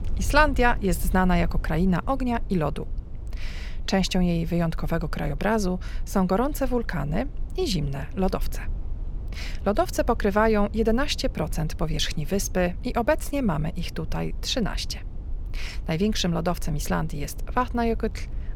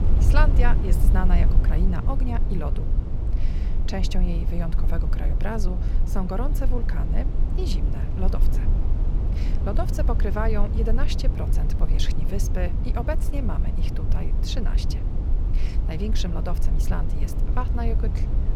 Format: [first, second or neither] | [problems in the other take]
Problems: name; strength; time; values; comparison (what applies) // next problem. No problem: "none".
first | low rumble; loud; throughout; 7 dB below the speech; faint in the first